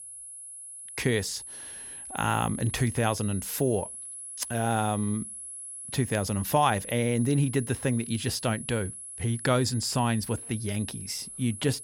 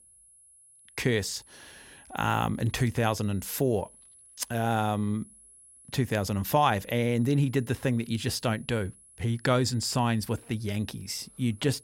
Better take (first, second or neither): second